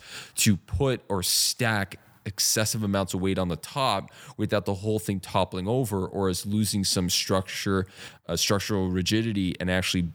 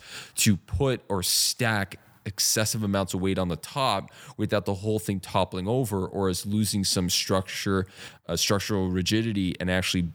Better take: neither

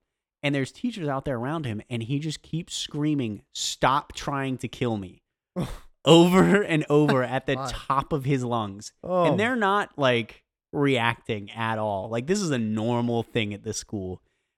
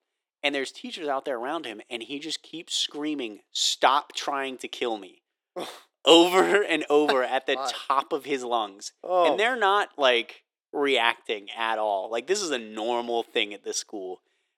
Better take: first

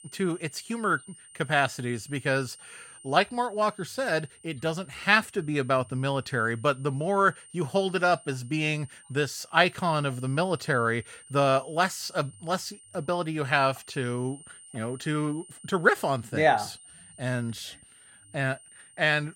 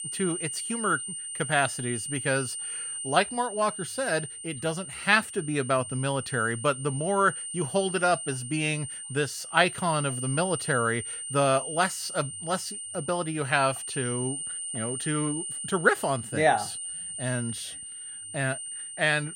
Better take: first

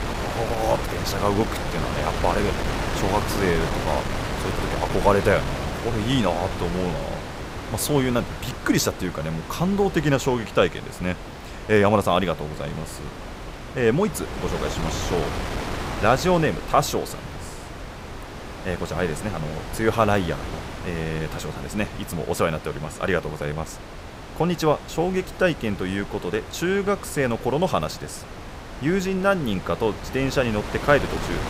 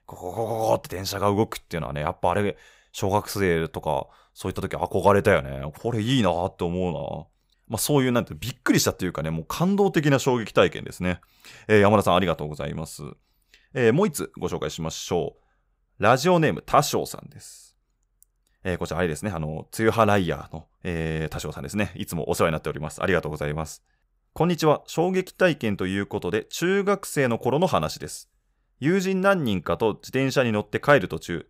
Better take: second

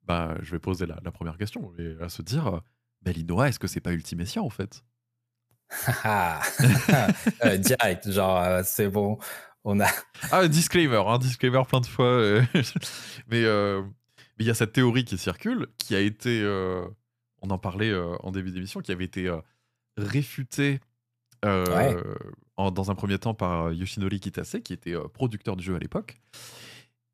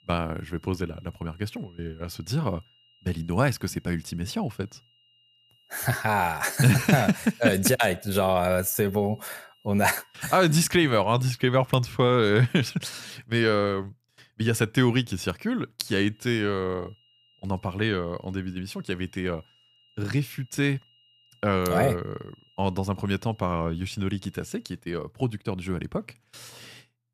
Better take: first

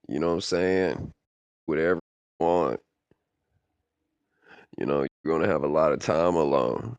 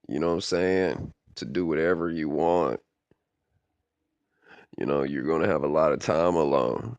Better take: second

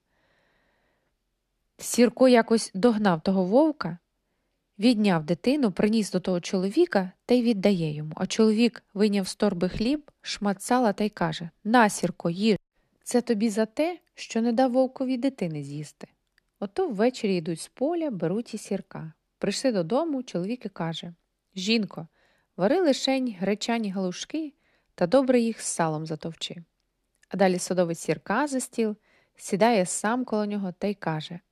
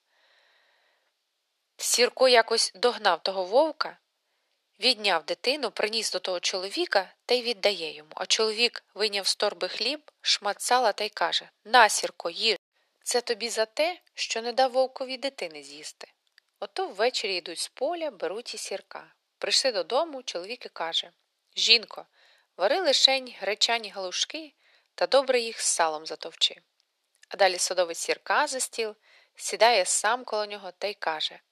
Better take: first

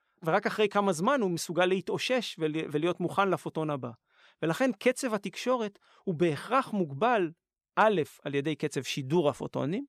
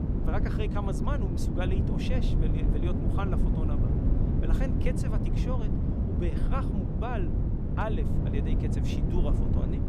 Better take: first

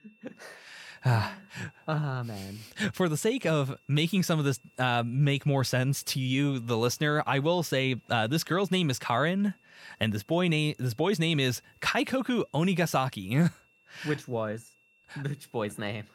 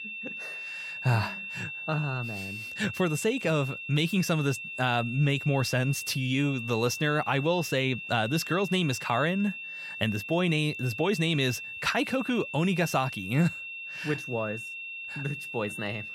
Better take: first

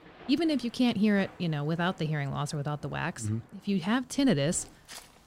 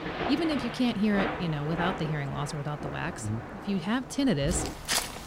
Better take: first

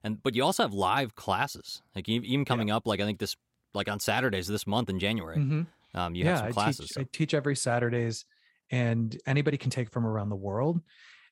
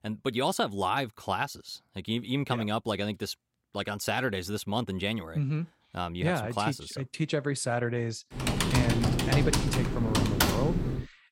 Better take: first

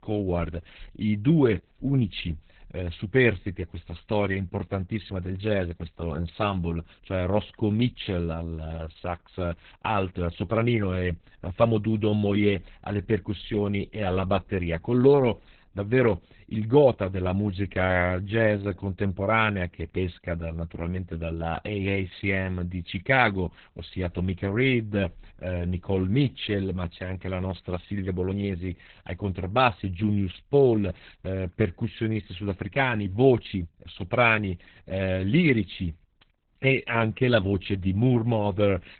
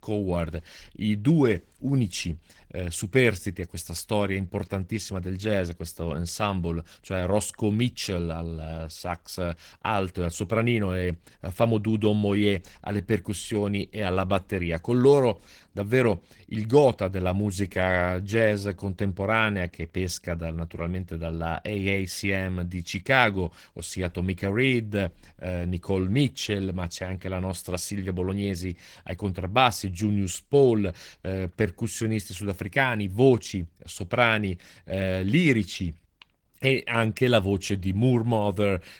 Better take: second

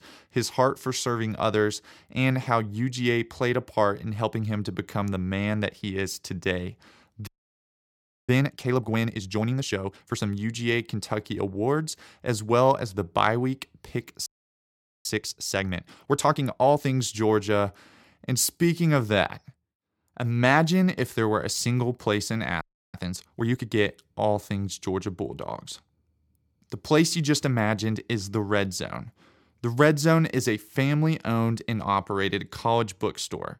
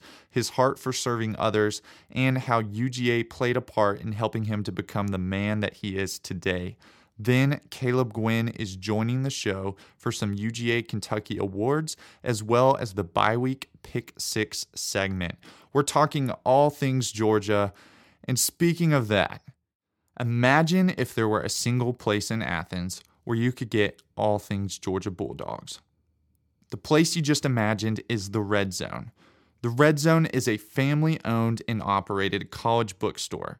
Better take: second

